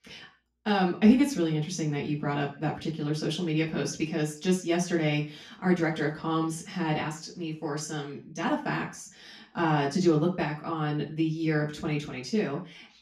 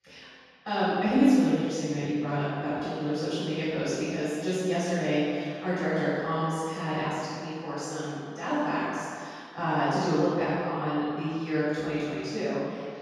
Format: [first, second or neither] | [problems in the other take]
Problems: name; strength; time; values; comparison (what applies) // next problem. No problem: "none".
first | room echo; strong; dies away in 2.2 s; slight in the first // off-mic speech; far; far in the first